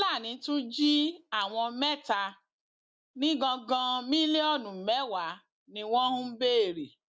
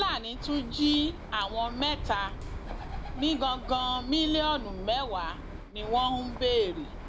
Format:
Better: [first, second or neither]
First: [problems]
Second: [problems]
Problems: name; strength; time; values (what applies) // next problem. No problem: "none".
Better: first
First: none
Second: background sound (Bird); 8 dB below the speech